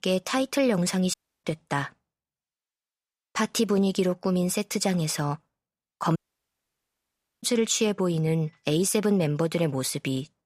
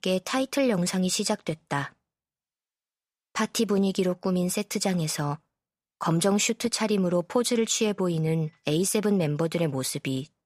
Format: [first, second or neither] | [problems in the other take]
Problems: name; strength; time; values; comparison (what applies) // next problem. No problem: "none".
second | audio cutting out; at 1 s and at 6 s for 1.5 s